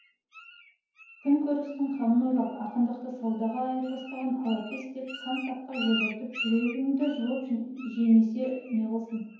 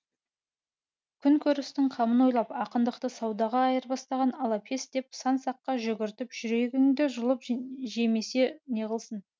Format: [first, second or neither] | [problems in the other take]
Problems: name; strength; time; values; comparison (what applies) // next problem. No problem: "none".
second | background sound (Bird); 14 dB below the speech // room echo; dies away in 0.9 s